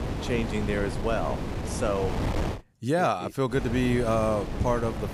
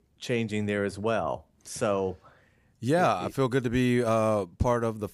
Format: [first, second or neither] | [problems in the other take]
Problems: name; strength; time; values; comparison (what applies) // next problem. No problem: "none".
second | wind noise on the microphone; heavy; until 2.5 s and from 3.5 s on; 8 dB below the speech